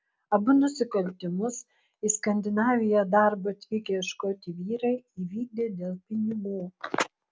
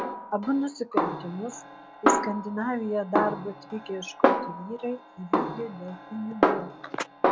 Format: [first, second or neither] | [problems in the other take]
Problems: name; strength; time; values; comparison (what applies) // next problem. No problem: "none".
first | background sound (Snare drum); 3 dB above the speech